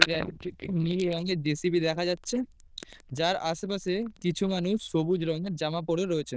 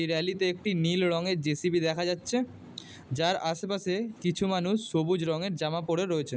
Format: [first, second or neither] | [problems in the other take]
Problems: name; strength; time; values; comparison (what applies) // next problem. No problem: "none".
second | noise reduction (neural diffusion model UNIVERSE++)